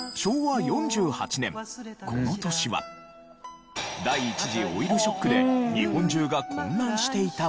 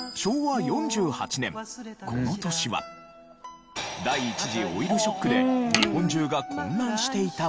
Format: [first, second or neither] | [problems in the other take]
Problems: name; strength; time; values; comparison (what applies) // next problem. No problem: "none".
first | background sound (Mechanisms); as loud as the speech